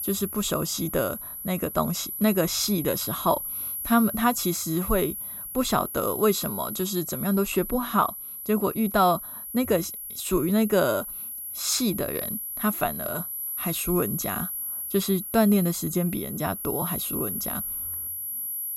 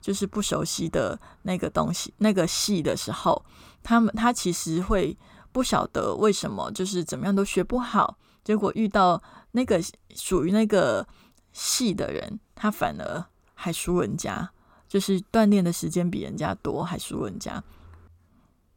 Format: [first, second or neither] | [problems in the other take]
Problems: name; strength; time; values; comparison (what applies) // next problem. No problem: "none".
second | high-pitched whine; loud; throughout; 11.5 kHz, 5 dB below the speech